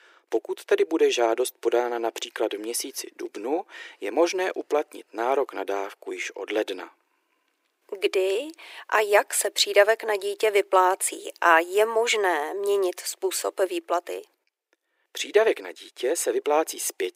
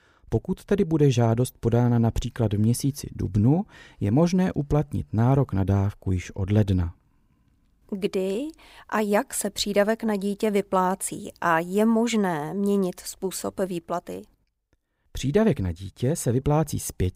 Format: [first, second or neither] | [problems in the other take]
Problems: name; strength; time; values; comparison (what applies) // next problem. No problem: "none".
second | thin; very; fading below 350 Hz